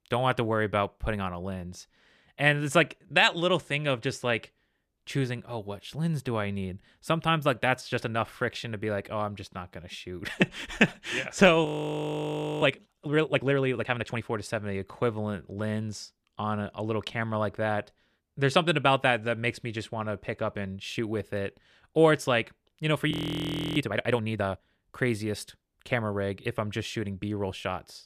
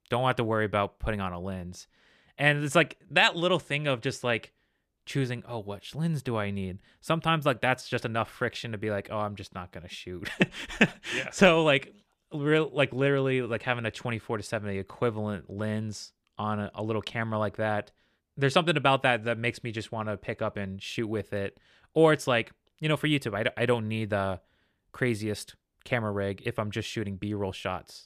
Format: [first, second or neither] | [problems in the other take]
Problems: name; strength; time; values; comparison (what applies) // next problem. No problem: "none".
second | audio freezing; at 12 s for 1 s and at 23 s for 0.5 s